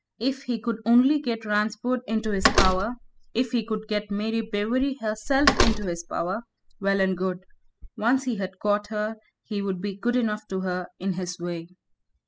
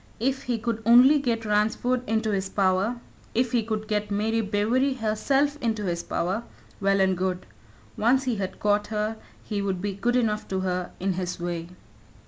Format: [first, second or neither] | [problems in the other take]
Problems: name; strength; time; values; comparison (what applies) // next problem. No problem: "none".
second | noise reduction (classical method spectral subtraction)